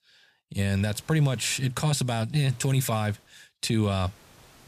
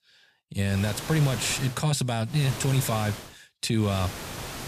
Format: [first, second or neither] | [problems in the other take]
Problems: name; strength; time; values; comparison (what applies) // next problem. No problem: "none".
first | hiss; loud; at 0.5 s, at 2.5 s and at 4 s; 10 dB below the speech; faint in the first